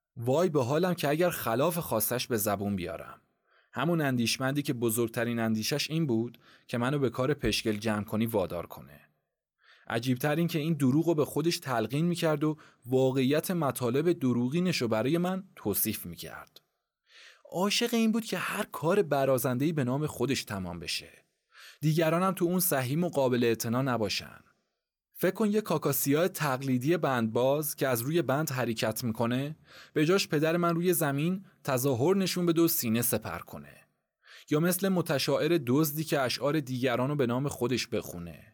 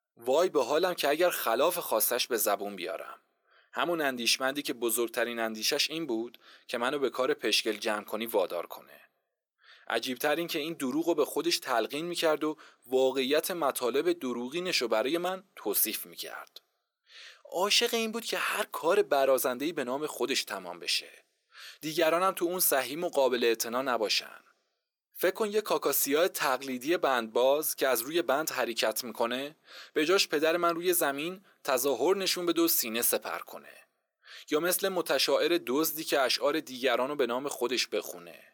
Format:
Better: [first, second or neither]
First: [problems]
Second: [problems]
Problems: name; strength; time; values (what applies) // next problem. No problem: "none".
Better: first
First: none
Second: thin; somewhat; fading below 350 Hz